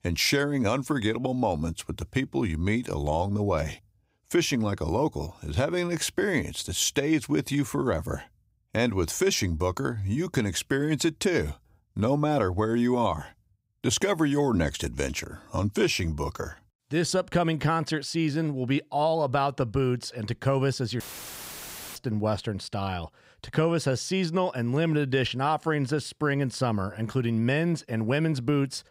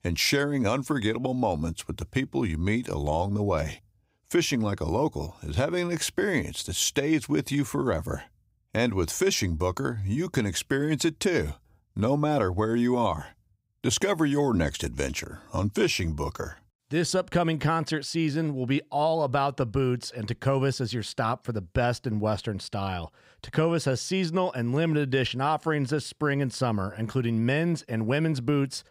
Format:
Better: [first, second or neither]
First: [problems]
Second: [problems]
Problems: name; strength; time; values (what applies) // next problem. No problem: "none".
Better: second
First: audio cutting out; filled with static; at 21 s for 1 s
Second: none